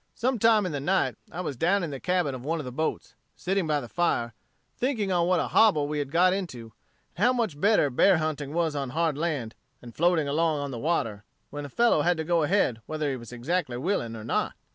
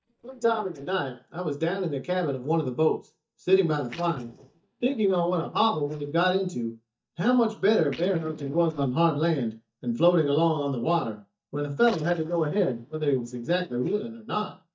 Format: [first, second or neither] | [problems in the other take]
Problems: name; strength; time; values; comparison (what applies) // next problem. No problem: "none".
first | noise reduction (neural mask model DeepFilterNet 3)